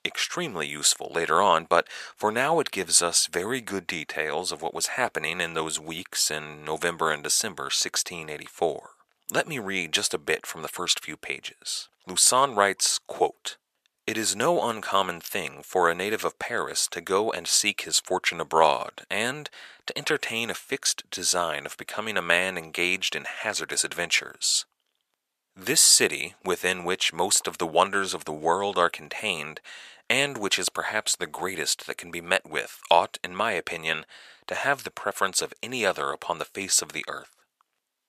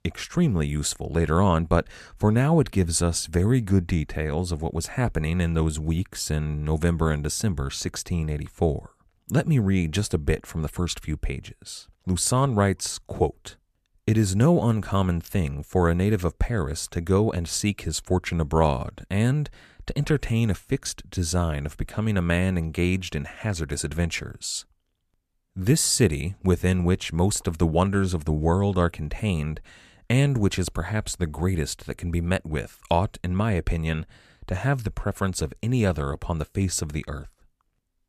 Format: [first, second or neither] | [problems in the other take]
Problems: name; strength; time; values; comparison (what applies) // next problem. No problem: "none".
second | thin; very; fading below 650 Hz